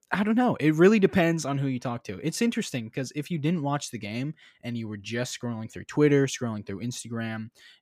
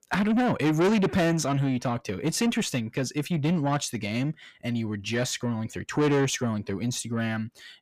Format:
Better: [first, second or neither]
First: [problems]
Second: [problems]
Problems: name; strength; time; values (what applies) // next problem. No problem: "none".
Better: first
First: none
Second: distortion; heavy; 7 dB below the speech